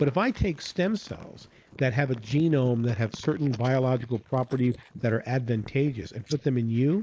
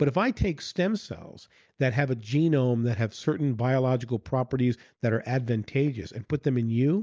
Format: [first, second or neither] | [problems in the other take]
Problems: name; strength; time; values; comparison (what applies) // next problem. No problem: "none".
second | noise reduction (neural mask model Resemble Enhance denoiser)